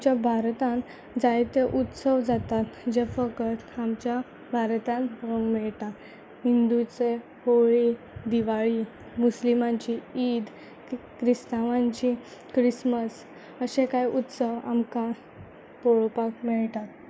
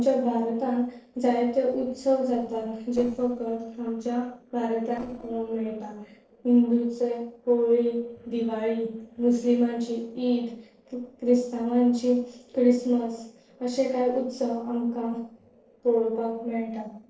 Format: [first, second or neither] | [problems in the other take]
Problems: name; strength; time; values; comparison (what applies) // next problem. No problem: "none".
first | noise reduction (neural separator model SepFormer DNS4)